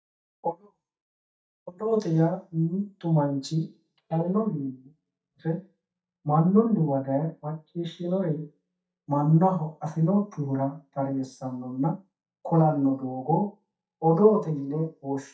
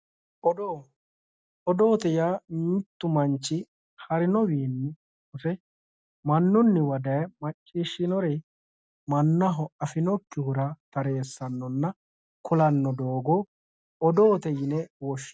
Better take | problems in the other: second | noise reduction (neural mask model DeepFilterNet 3)

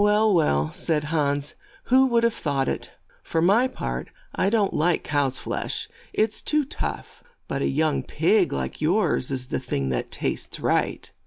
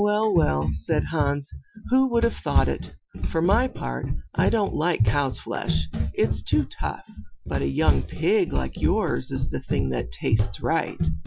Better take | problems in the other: first | noise reduction (classical method Wiener filter)

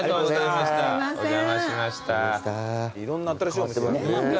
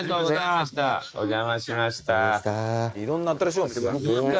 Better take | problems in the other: first | noise reduction (neural mask model Resemble Enhance denoiser)

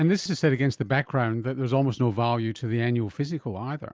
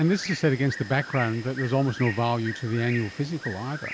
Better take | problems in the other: first | background sound (Bird); 12 dB below the speech

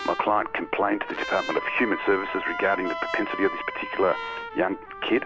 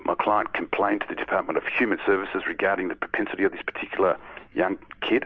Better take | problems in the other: second | background sound (Wind instrument, woodwind instrument + Trumpet); 8 dB below the speech

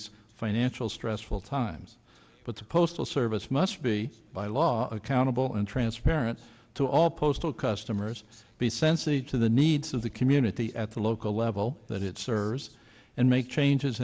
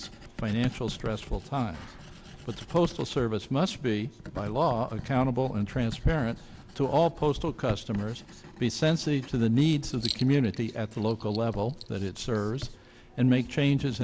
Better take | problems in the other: first | background sound (Writing); 14 dB below the speech

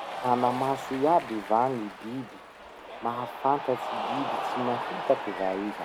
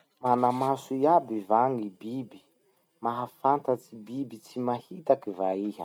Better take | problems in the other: second | background sound (Cheering); 6 dB below the speech

